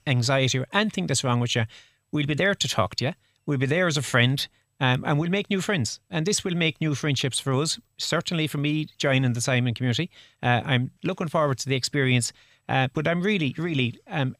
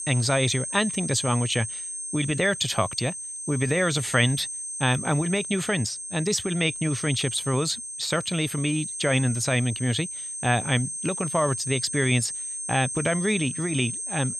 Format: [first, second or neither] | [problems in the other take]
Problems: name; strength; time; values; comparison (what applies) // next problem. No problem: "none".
first | high-pitched whine; loud; throughout; 8.5 kHz, 5 dB below the speech